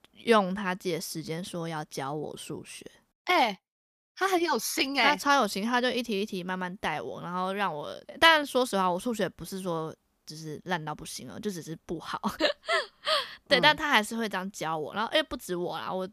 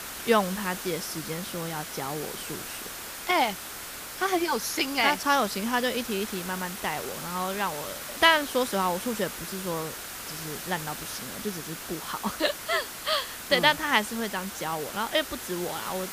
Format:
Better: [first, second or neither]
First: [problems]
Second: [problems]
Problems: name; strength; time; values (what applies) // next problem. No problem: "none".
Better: first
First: none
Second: hiss; loud; throughout; 8 dB below the speech